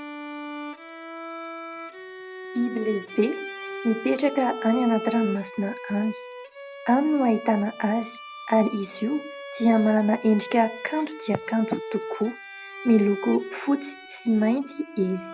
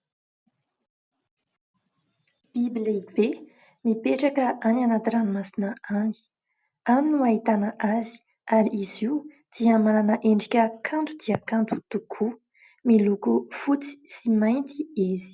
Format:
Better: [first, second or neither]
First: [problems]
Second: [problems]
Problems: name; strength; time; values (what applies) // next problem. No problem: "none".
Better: second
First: background sound (Bowed string instrument + Bell); 11 dB below the speech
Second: none